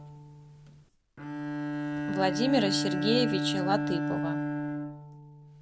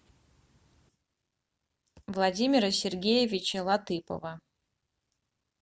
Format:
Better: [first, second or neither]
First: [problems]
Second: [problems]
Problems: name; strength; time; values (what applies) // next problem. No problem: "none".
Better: second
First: background sound (Bowed string instrument); as loud as the speech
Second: none